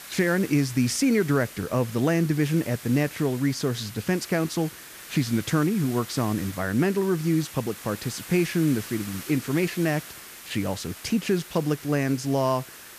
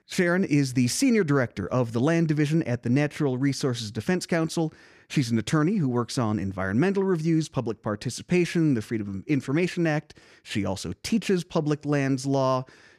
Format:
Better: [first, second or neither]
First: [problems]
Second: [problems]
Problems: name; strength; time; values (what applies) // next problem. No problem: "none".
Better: second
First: hiss; noticeable; throughout; 15 dB below the speech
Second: none